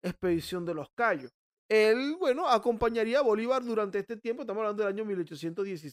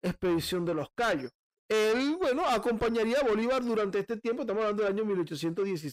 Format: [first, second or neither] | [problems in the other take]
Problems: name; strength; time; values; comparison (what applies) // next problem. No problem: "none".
first | distortion; heavy; 7 dB below the speech